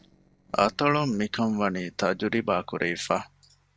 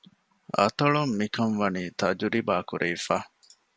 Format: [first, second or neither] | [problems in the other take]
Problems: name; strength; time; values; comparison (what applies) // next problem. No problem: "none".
second | noise reduction (neural separator model SepFormer DNS4)